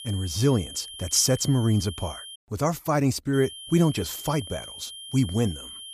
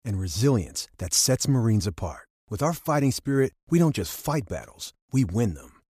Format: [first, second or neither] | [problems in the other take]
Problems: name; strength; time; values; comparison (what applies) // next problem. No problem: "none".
second | high-pitched whine; noticeable; until 2.5 s and from 3.5 s on; 3 kHz, 15 dB below the speech